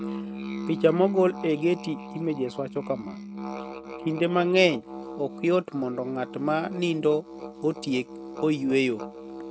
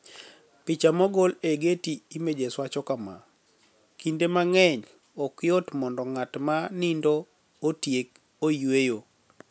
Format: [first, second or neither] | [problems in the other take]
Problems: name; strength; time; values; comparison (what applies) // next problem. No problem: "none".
second | noise reduction (neural mask model RNNoise)